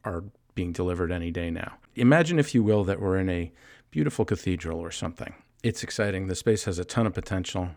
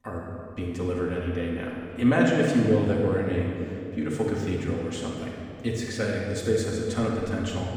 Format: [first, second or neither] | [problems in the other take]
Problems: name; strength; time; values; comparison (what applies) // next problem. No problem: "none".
first | off-mic speech; far // room echo; noticeable; dies away in 2.1 s